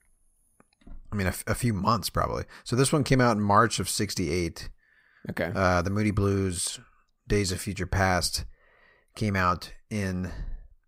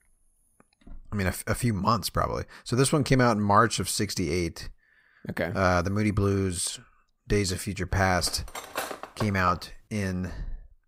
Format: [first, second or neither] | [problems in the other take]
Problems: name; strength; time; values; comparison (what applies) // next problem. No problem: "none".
first | clattering dishes; noticeable; from 8 to 9.5 s; peak 7 dB below the speech